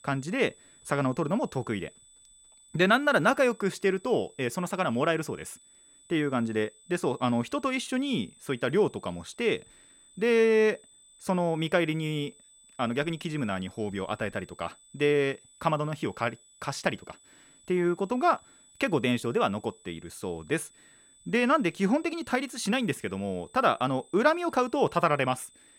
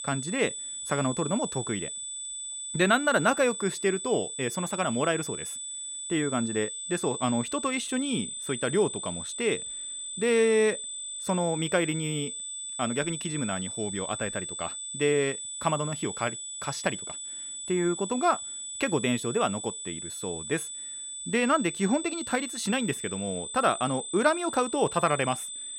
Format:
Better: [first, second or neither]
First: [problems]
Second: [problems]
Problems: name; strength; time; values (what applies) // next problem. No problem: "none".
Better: first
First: high-pitched whine; faint; throughout; 8 kHz, 25 dB below the speech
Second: high-pitched whine; loud; throughout; 8 kHz, 6 dB below the speech